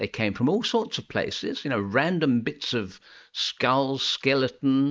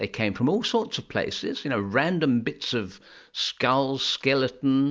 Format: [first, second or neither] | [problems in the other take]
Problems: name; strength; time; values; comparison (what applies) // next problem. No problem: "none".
second | noise reduction (neural mask model Resemble Enhance denoiser)